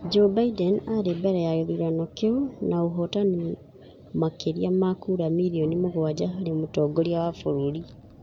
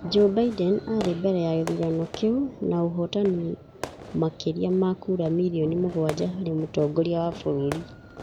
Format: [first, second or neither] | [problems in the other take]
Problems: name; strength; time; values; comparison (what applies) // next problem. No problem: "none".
first | background sound (Fireworks); 17 dB below the speech